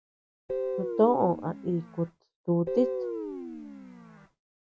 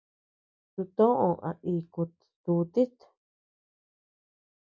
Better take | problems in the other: second | background sound (Guitar); 5 dB below the speech

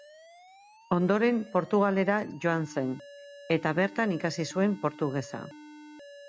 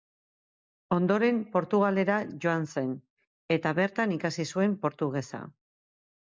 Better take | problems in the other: second | background sound (Alarm); 20 dB below the speech

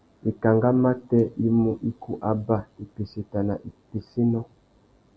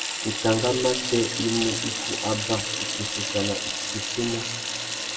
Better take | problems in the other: first | background sound (Sink (filling or washing) / Water tap, faucet); 1 dB below the speech // room echo; dies away in 1.5 s

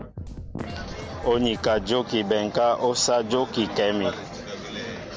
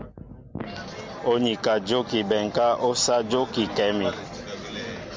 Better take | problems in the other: second | background sound (Drum kit); 13 dB below the speech

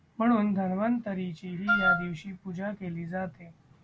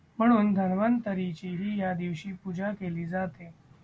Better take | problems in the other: second | background sound (Wind instrument, woodwind instrument); 4 dB above the speech

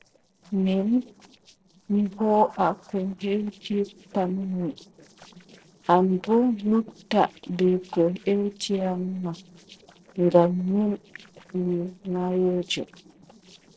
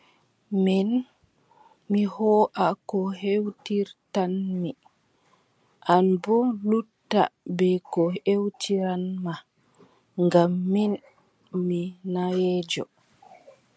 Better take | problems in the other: second | noise reduction (neural separator model SepFormer DNS4)

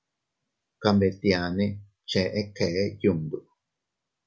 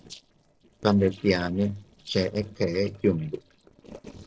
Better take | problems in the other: first | noise reduction (neural separator model SepFormer DNS4)

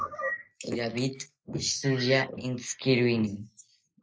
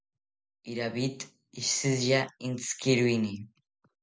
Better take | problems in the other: second | noise reduction (neural mask model Resemble Enhance denoiser)

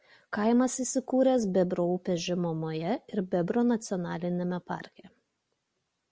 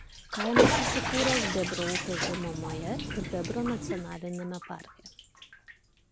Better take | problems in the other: first | background sound (Printer + Bathtub (filling or washing)); 3 dB above the speech

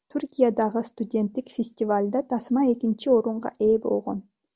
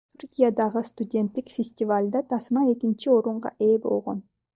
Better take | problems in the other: first | noise reduction (neural mask model DeepFilterNet 3)

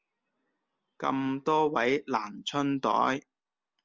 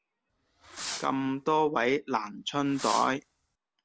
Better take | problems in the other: first | background sound (Fireworks); 12 dB below the speech

